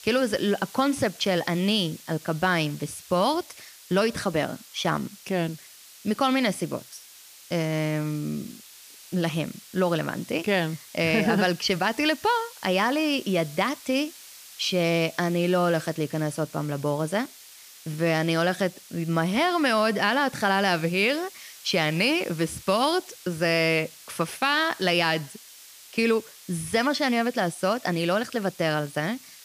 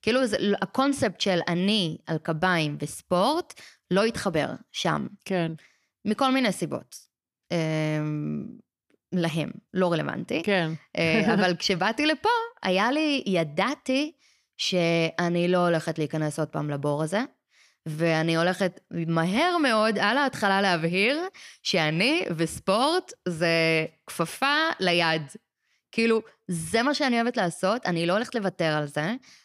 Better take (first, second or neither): second